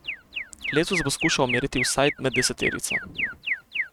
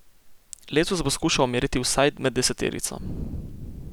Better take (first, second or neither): second